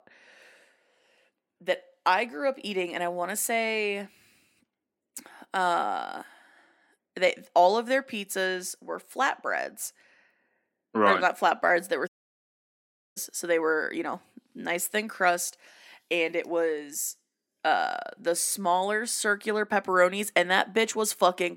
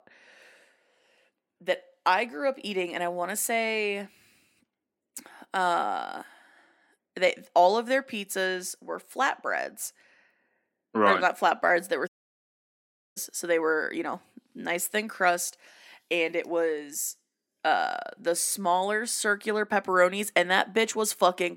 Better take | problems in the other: neither | audio cutting out; at 12 s for 1 s; the same in both

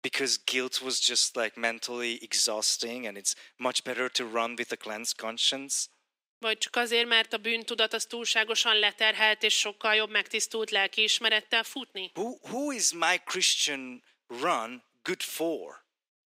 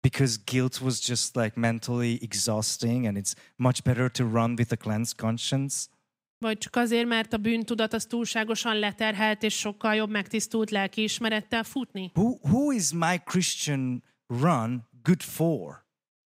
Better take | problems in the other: second | thin; very; fading below 350 Hz

